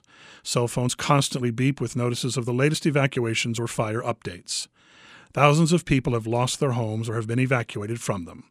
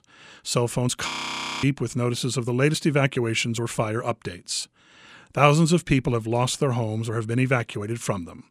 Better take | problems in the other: first | audio freezing; at 1 s for 0.5 s

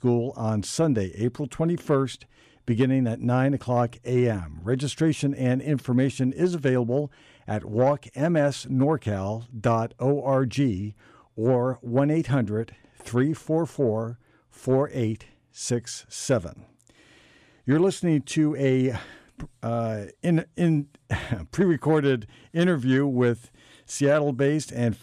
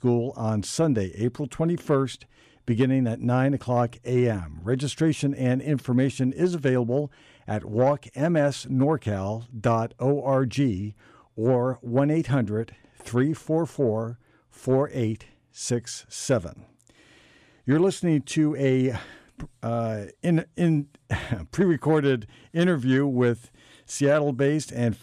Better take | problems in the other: neither | none

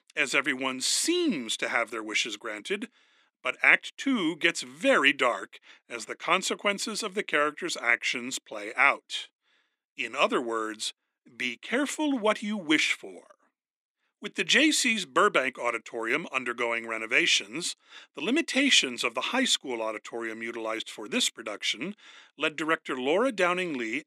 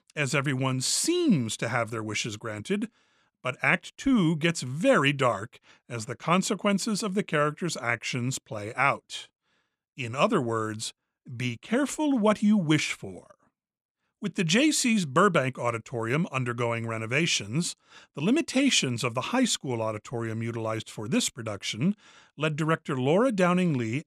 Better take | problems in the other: second | thin; very slightly; fading below 300 Hz

